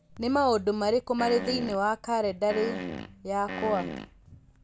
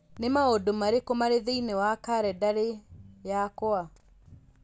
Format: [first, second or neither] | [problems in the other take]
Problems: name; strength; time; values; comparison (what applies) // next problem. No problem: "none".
second | background sound (Fart); 8 dB below the speech